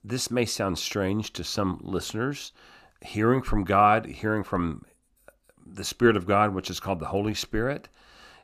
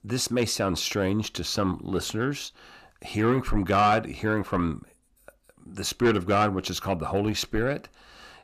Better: first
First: none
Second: distortion; slight; 10 dB below the speech

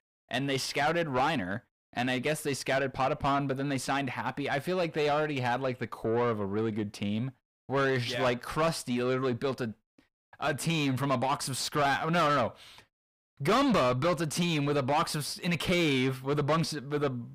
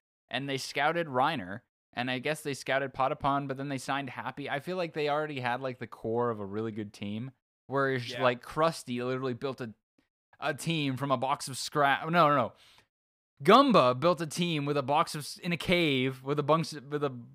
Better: second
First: distortion; heavy; 6 dB below the speech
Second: none

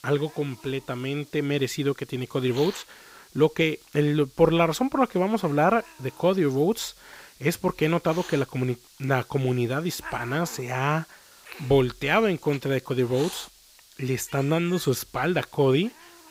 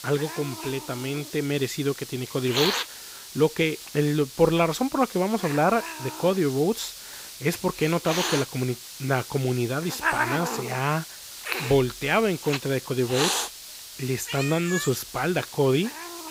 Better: first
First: hiss; faint; throughout; 20 dB below the speech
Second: hiss; loud; throughout; 6 dB below the speech

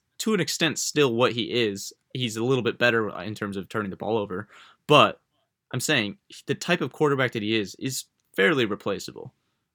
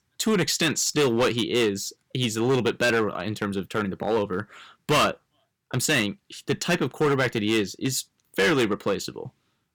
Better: first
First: none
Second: distortion; heavy; 8% of the sound clipped

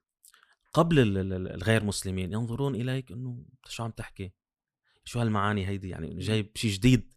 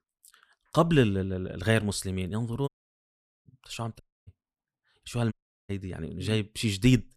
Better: first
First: none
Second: audio cutting out; at 2.5 s for 1 s, at 4 s and at 5.5 s

